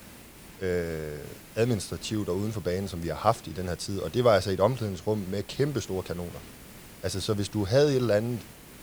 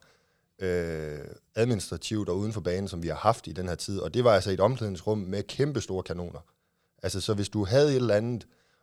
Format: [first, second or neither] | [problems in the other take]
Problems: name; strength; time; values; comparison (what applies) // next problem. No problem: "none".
second | hiss; noticeable; throughout; 20 dB below the speech